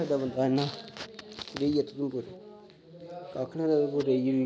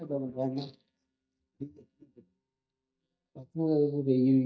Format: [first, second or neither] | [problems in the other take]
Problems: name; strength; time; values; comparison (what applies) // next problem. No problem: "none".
first | noise reduction (neural mask model DeepFilterNet 3)